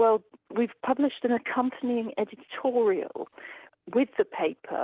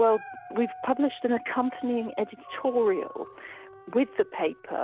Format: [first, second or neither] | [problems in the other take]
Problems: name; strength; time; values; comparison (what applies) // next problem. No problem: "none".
first | background sound (Dog); 16 dB below the speech